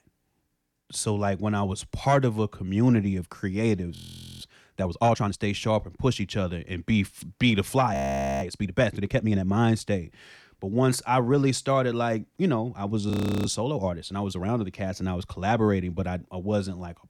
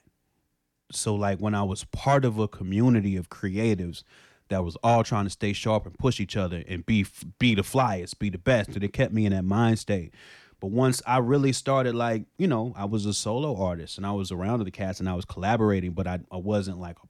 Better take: second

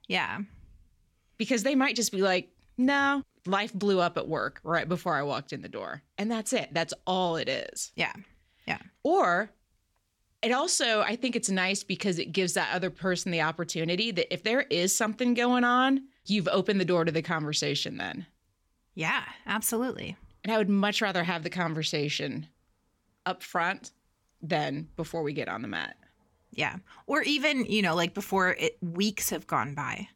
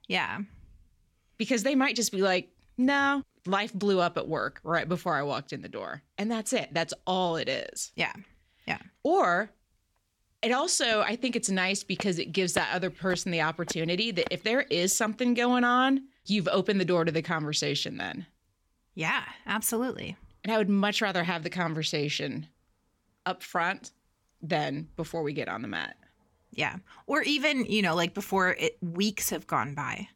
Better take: first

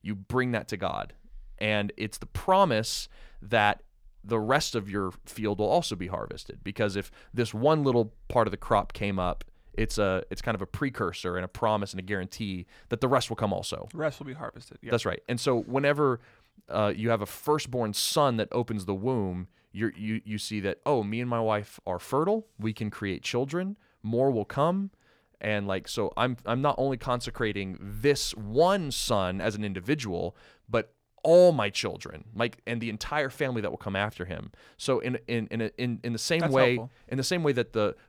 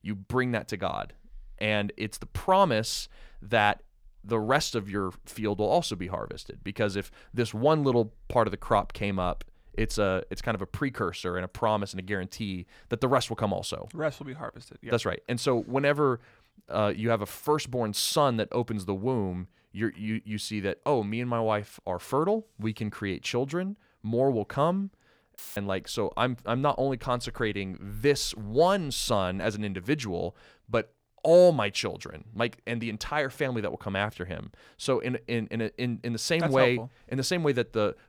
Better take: first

